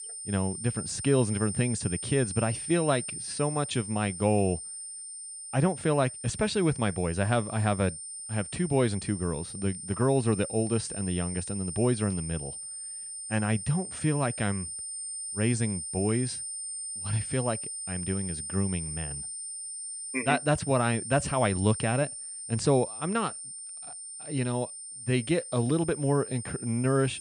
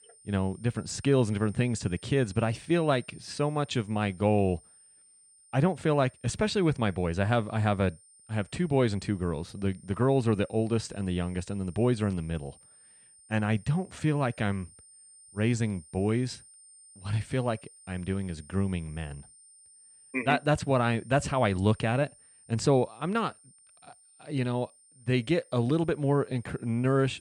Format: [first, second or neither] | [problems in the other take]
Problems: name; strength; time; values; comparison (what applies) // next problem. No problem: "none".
second | high-pitched whine; loud; throughout; 9 kHz, 7 dB below the speech; faint in the second